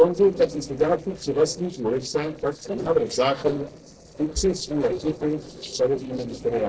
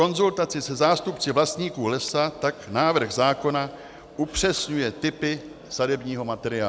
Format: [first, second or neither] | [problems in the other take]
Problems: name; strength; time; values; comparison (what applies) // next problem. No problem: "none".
second | noise reduction (neural separator model SepFormer DNS4)